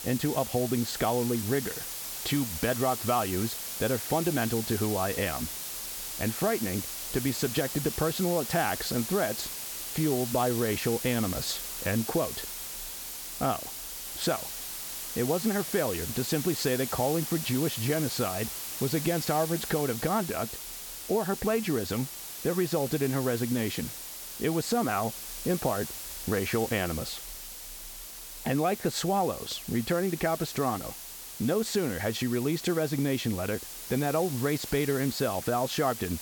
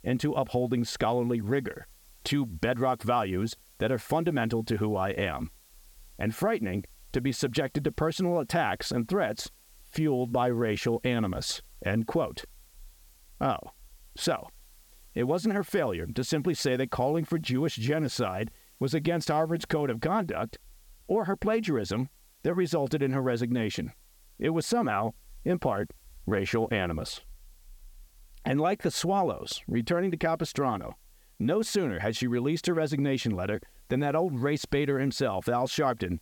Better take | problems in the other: second | hiss; loud; throughout; 6 dB below the speech; faint in the second

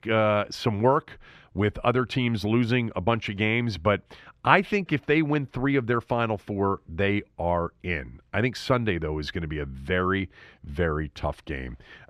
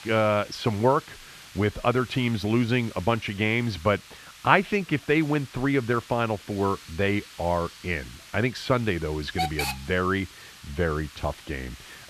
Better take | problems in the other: first | hiss; noticeable; throughout; 15 dB below the speech

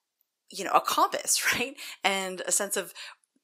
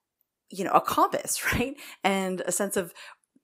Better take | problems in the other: second | thin; very slightly; fading below 500 Hz

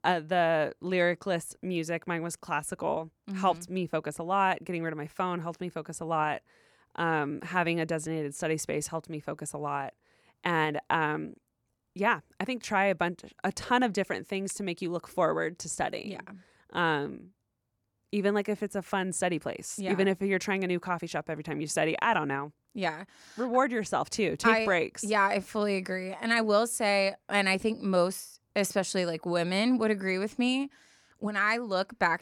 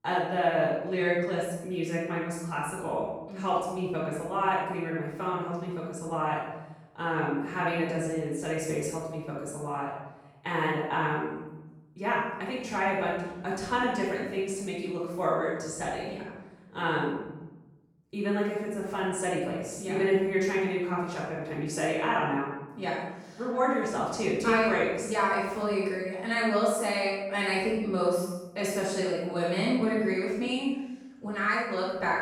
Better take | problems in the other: first | off-mic speech; far // room echo; strong; dies away in 0.9 s

